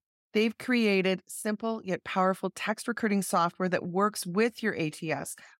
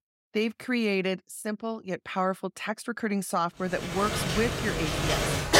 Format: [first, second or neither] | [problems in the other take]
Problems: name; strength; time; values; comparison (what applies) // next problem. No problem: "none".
first | rain or running water; very loud; from 4 s on; 1 dB above the speech